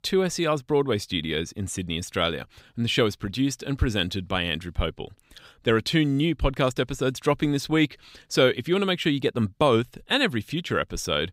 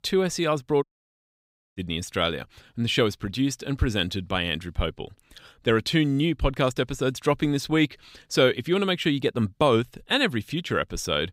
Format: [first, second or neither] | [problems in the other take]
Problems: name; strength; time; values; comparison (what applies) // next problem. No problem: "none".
first | audio cutting out; at 1 s for 1 s